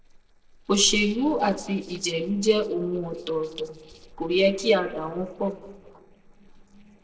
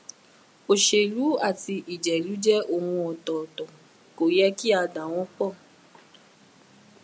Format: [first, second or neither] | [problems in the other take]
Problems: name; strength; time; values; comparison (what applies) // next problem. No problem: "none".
second | noise reduction (neural separator model SepFormer DNS4)